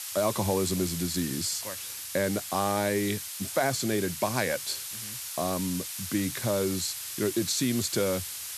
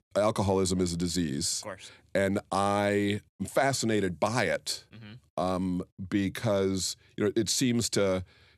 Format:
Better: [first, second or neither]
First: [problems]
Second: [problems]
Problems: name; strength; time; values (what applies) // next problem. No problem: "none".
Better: second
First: hiss; loud; throughout; 5 dB below the speech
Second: none